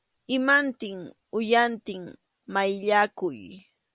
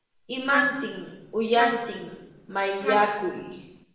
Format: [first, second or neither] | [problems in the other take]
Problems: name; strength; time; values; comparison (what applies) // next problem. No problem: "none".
first | background sound (Trumpet); 9 dB below the speech // room echo; dies away in 0.8 s